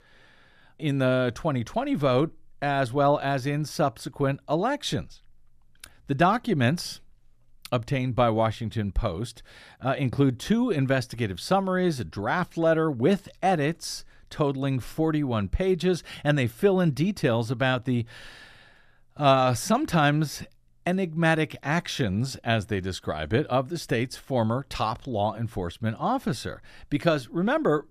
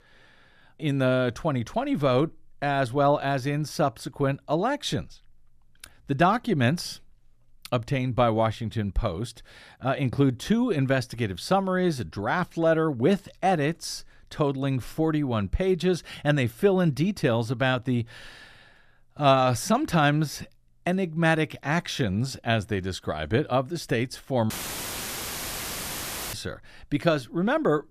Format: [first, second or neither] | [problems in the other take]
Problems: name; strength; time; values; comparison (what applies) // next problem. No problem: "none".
first | audio cutting out; filled with static; at 25 s for 2 s